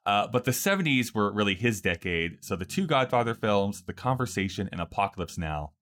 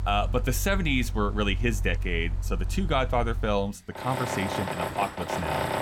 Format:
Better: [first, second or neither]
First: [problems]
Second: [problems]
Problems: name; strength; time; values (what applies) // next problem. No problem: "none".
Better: first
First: none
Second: machinery noise; loud; throughout; 3 dB below the speech